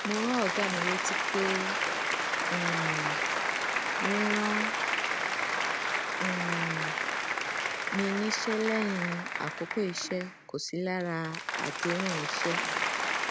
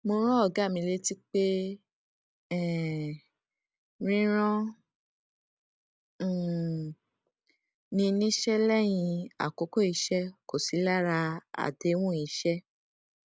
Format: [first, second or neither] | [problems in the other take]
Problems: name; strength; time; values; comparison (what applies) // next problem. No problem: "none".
second | background sound (Applause); 3 dB above the speech